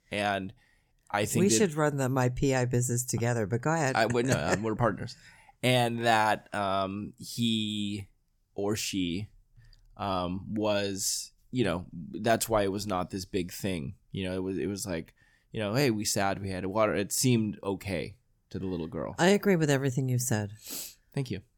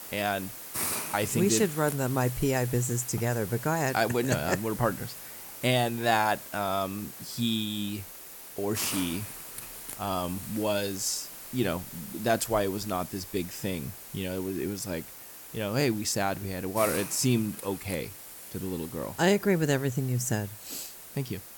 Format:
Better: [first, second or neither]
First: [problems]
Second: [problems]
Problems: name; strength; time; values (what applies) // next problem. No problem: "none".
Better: first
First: none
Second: hiss; loud; throughout; 9 dB below the speech